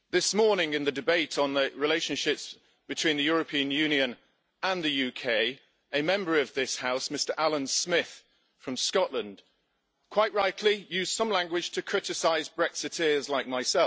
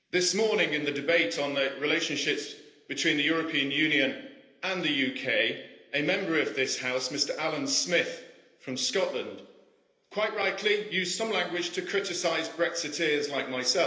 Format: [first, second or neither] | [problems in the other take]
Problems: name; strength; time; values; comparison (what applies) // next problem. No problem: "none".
first | room echo; dies away in 0.8 s